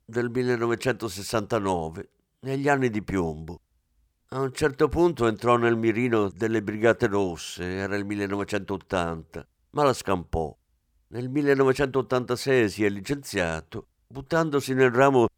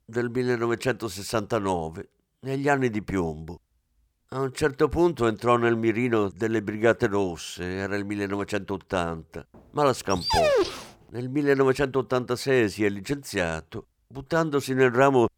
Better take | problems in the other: first | dog barking; loud; at 10 s; peak 4 dB above the speech

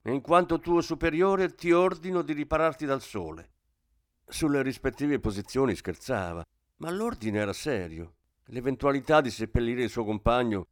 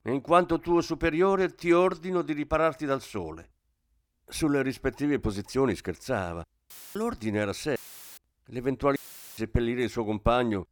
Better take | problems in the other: first | audio cutting out; filled with static; at 6.5 s, at 8 s and at 9 s

